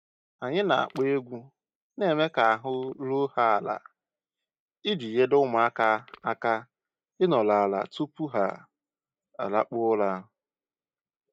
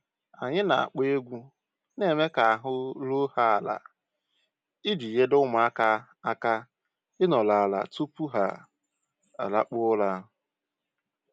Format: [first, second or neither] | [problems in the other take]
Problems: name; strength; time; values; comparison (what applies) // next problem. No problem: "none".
second | noise reduction (neural mask model DeepFilterNet 3)